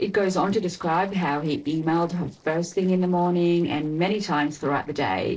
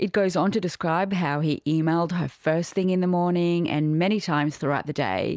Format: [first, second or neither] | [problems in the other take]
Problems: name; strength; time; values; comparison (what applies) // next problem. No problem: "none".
second | noise reduction (neural separator model SepFormer DNS4)